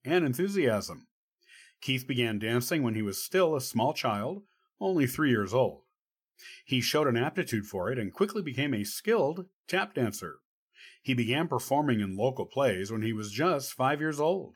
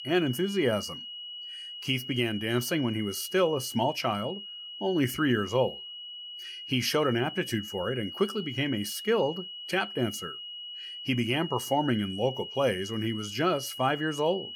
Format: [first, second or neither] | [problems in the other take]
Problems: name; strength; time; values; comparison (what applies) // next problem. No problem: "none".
first | high-pitched whine; loud; throughout; 3 kHz, 9 dB below the speech